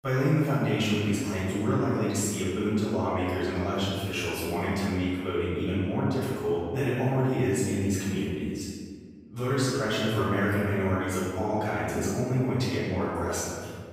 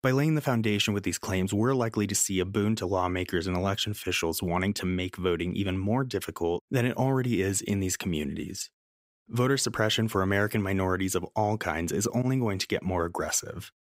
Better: second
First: room echo; strong; dies away in 1.6 s // off-mic speech; far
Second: none

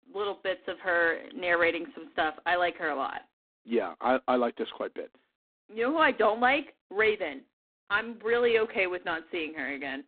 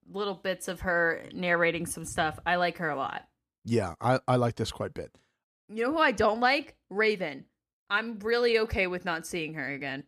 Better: second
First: phone-call audio; poor line; nothing above 3.5 kHz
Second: none

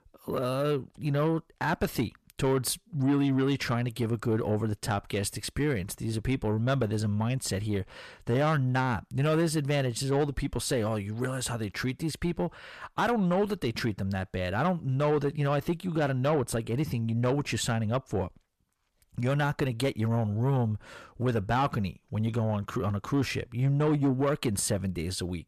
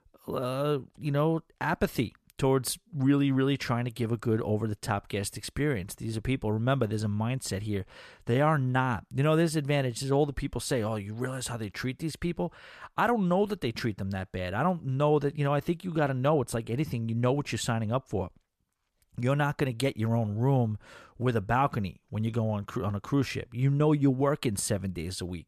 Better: second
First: distortion; slight; 10 dB below the speech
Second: none

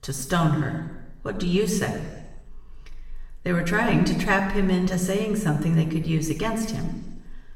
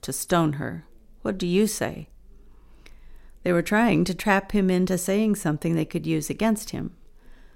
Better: second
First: room echo; noticeable; dies away in 1.1 s // off-mic speech; somewhat distant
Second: none

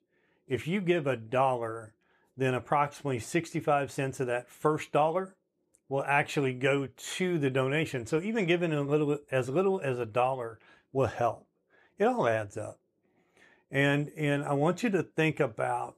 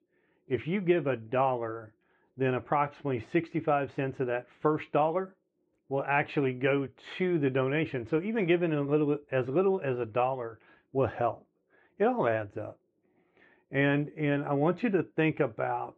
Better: first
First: none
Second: muffled; very; fading above 3 kHz

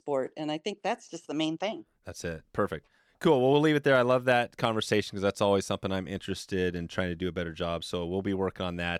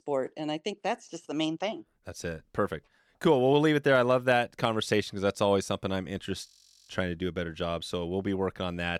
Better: first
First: none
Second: audio freezing; at 6.5 s

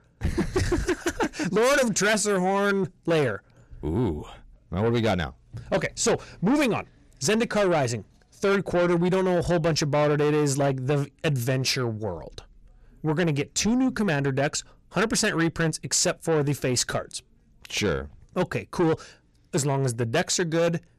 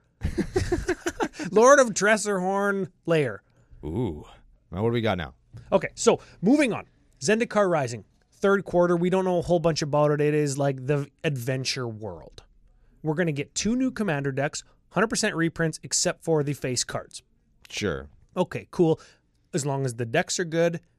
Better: second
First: distortion; heavy; 7 dB below the speech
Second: none

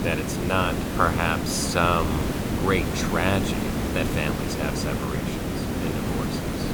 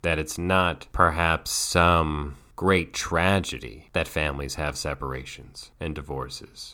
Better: second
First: hiss; loud; throughout; as loud as the speech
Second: none

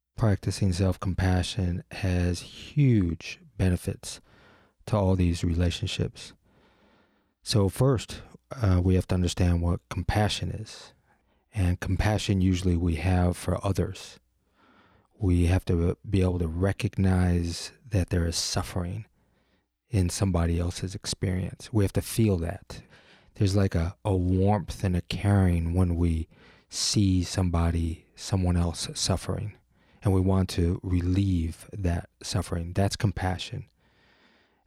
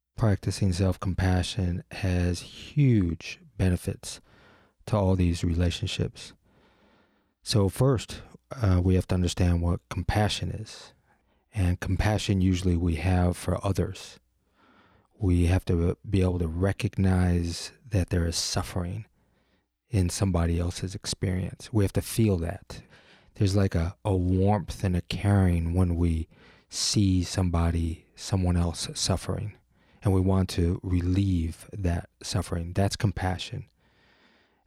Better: neither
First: none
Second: none

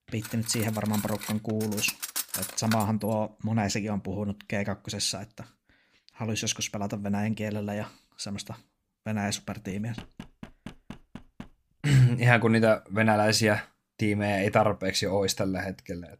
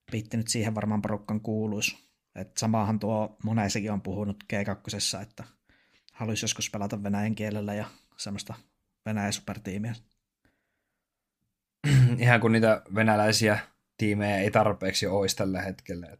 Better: second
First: clattering dishes; noticeable; until 3 s; peak 3 dB below the speech // door banging; faint; from 9.5 to 11 s; peak 15 dB below the speech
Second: none

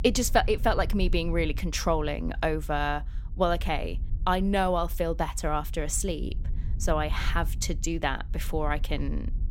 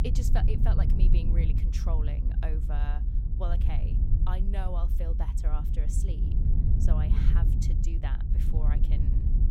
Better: first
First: low rumble; faint; throughout; 25 dB below the speech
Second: low rumble; loud; throughout; 2 dB below the speech

